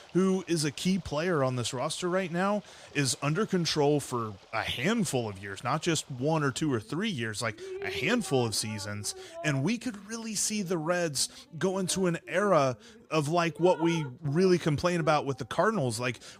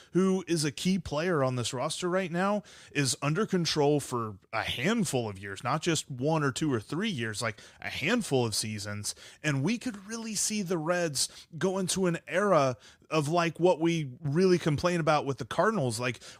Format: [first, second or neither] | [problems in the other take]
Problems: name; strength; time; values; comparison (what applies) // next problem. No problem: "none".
second | rain or running water; noticeable; throughout; 20 dB below the speech